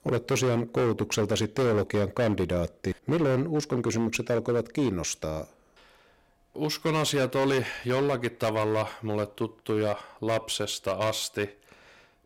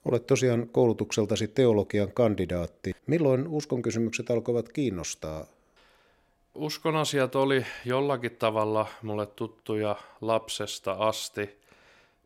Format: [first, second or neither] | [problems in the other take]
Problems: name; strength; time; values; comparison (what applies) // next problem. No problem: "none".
second | distortion; heavy; 13% of the sound clipped